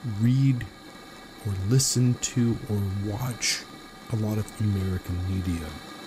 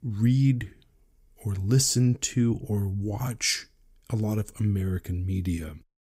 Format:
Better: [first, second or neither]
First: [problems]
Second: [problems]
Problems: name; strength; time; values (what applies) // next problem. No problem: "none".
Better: second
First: hiss; noticeable; throughout; 15 dB below the speech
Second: none